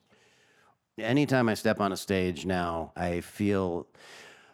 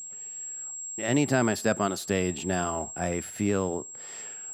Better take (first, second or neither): first